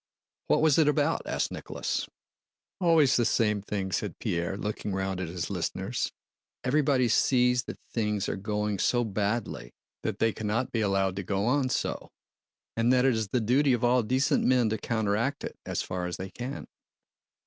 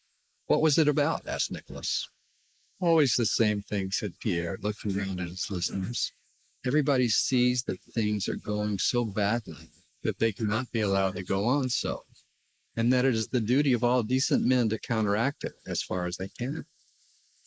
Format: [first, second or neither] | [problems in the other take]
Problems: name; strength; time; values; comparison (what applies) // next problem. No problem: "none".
first | noise reduction (neural mask model Resemble Enhance denoiser)